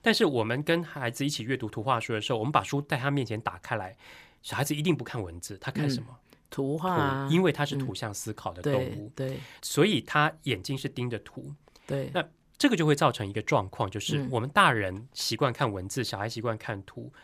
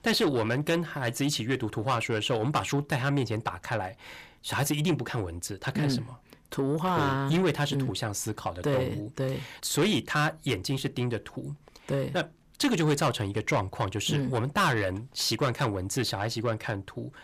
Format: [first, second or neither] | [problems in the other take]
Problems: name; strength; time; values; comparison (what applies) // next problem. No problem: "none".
first | distortion; heavy; 8 dB below the speech